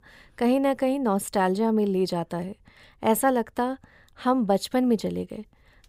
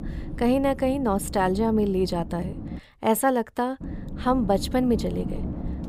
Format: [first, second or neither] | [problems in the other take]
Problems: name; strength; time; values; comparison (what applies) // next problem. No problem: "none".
first | low rumble; noticeable; until 3 s and from 4 s on; 15 dB below the speech